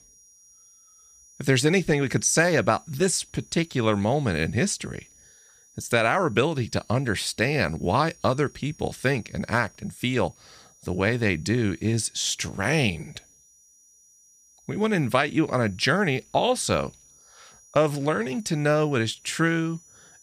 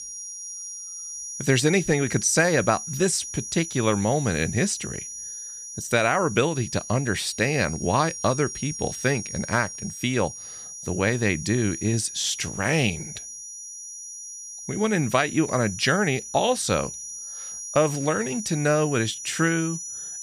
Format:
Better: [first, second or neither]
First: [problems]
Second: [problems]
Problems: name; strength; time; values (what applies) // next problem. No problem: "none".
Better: first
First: high-pitched whine; faint; throughout; 6 kHz, 30 dB below the speech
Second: high-pitched whine; loud; throughout; 6 kHz, 9 dB below the speech